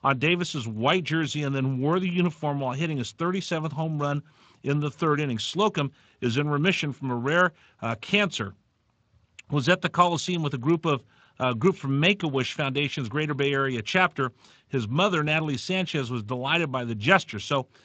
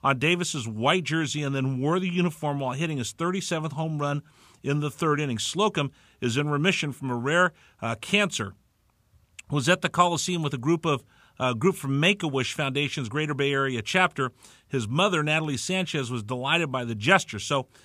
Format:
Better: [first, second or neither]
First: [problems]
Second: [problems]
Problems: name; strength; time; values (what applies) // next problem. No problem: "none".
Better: second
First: garbled, watery; slightly; nothing above 7.5 kHz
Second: none